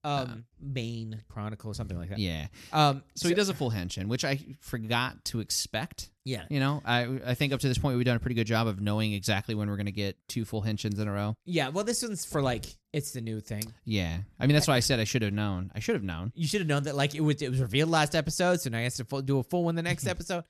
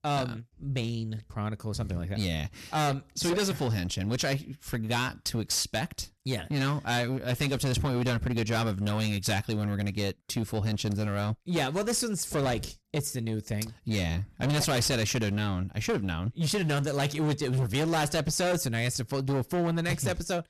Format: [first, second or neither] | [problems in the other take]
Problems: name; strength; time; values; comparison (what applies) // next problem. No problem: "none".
first | distortion; heavy; 16% of the sound clipped